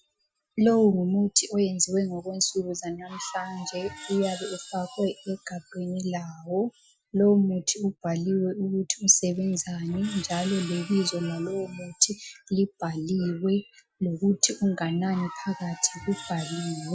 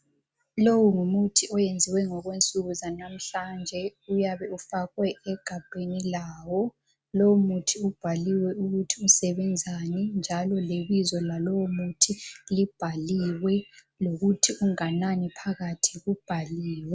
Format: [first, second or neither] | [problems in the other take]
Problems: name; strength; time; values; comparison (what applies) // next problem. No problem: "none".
second | noise reduction (classical method Wiener filter)